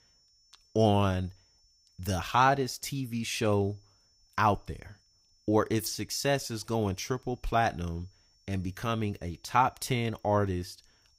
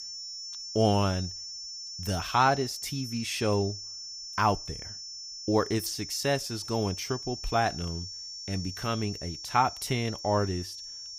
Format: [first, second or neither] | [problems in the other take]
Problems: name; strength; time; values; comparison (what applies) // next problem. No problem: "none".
first | high-pitched whine; loud; throughout; 5.5 kHz, 8 dB below the speech; faint in the first